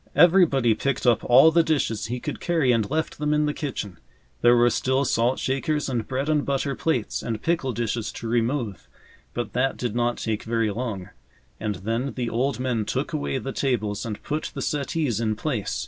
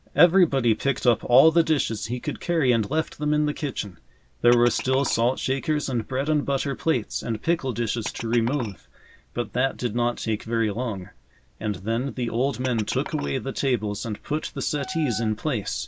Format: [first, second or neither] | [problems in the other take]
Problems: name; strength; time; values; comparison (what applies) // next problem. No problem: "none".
first | background sound (Wind instrument, woodwind instrument + Glass); 18 dB below the speech